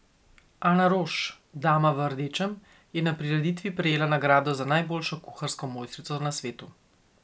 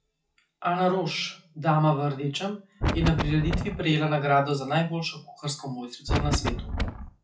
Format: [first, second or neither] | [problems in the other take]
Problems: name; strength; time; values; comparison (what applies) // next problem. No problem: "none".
first | noise reduction (classical method WPE with log-MMSE)